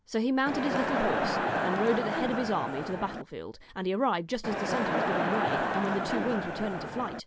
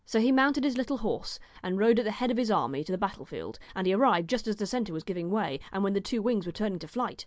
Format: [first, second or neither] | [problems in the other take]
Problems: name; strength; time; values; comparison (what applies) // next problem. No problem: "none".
second | background sound (Crowd); 1 dB above the speech